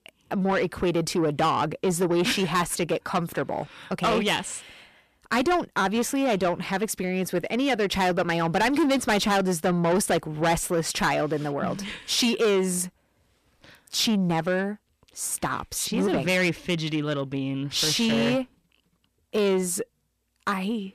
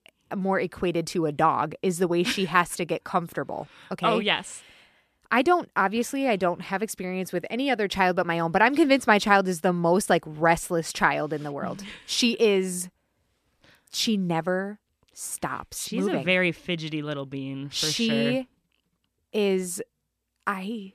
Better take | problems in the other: second | distortion; heavy; 7 dB below the speech

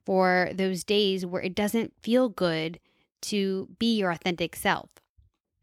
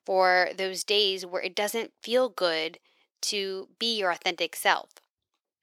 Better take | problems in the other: first | thin; very; fading below 550 Hz

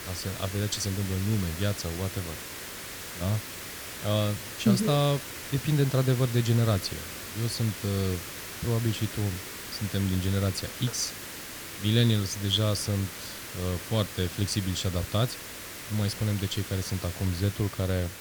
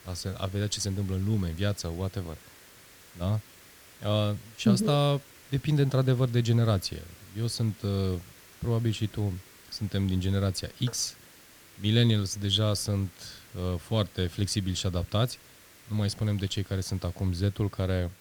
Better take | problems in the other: second | hiss; loud; throughout; 9 dB below the speech; faint in the second

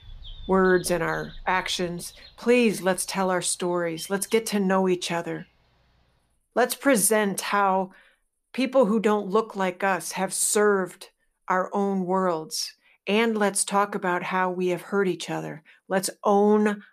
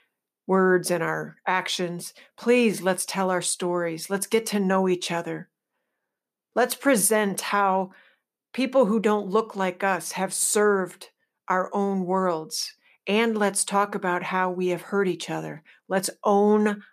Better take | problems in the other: second | animal sounds; faint; throughout; 25 dB below the speech

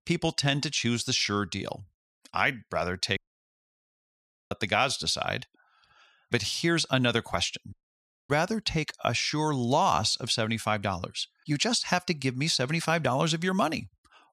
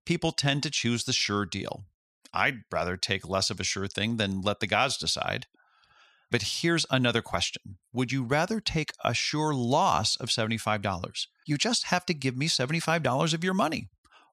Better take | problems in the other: second | audio cutting out; at 3 s for 1.5 s and at 7.5 s for 0.5 s

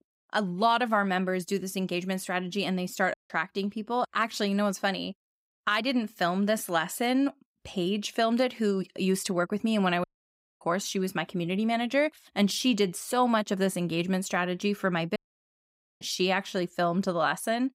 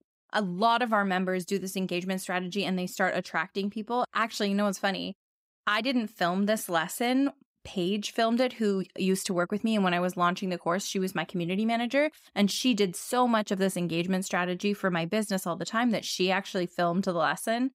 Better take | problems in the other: second | audio cutting out; at 3 s, at 10 s for 0.5 s and at 15 s for 1 s

